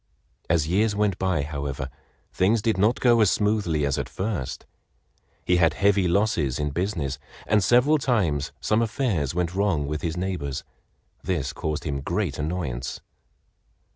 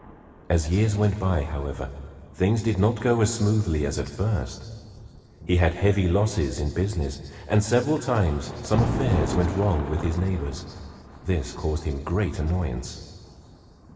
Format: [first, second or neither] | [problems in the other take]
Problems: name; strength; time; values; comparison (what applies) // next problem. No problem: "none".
first | background sound (Thunder); 12 dB below the speech // room echo; dies away in 2.5 s